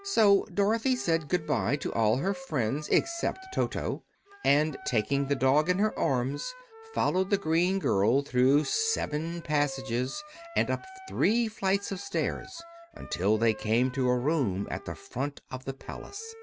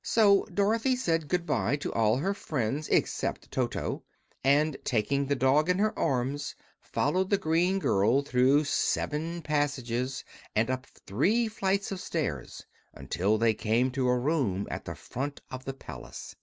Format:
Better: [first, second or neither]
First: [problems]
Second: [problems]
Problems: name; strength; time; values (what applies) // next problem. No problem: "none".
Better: second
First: background sound (Wind instrument, woodwind instrument); 19 dB below the speech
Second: none